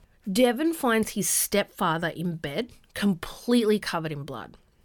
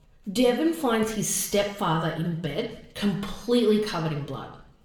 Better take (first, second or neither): first